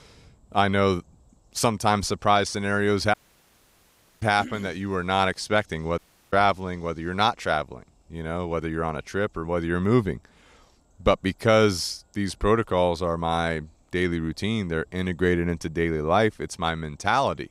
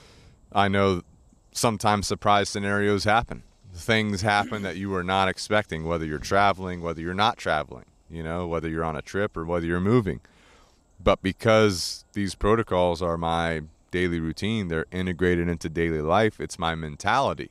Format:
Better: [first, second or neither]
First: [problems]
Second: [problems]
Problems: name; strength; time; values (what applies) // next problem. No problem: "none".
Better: second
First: audio cutting out; at 3 s for 1 s and at 6 s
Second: none